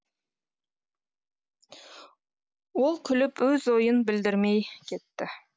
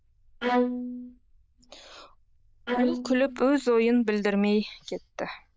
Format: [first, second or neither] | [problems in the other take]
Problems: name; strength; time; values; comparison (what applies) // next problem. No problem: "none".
first | noise reduction (neural diffusion model UNIVERSE++)